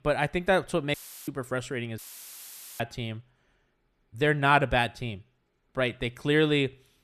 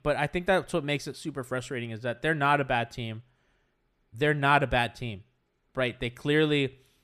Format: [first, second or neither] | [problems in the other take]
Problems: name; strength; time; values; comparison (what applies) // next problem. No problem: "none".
second | audio cutting out; filled with static; at 1 s and at 2 s for 1 s